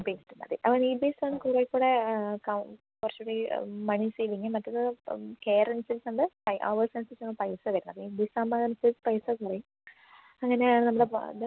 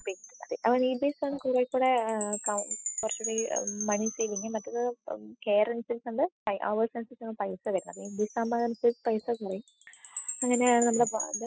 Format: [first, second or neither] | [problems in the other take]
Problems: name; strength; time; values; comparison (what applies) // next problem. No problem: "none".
first | noise reduction (classical method spectral subtraction)